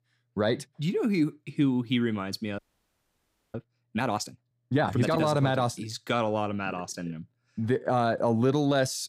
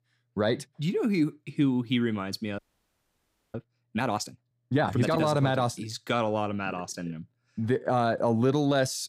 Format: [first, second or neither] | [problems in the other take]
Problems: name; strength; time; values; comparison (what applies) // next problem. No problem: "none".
neither | audio freezing; at 2.5 s for 1 s; the same in both